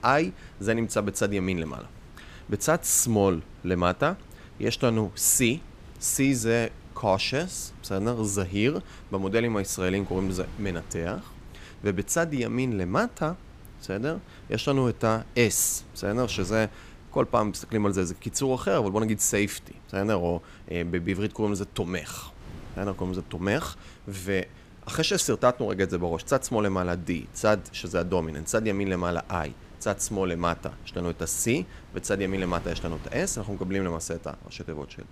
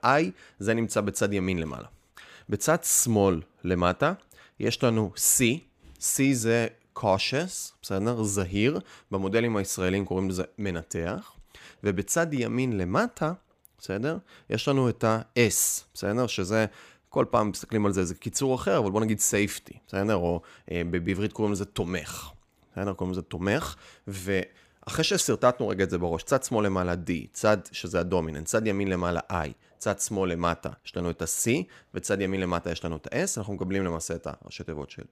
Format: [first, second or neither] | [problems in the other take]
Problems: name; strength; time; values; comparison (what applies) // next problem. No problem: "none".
second | wind noise on the microphone; occasional gusts; 25 dB below the speech